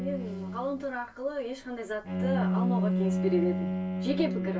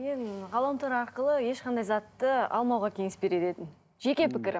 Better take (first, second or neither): second